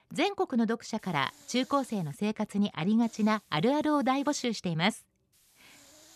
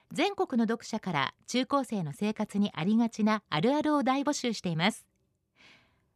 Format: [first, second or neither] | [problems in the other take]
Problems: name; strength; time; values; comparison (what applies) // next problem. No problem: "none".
second | hiss; faint; from 1 to 2 s, from 3 to 4.5 s and at 5.5 s; 25 dB below the speech